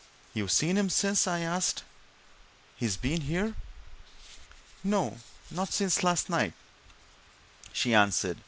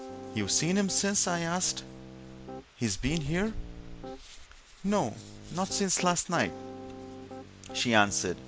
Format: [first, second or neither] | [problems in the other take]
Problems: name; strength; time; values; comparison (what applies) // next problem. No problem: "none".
first | background sound (Piano); 14 dB below the speech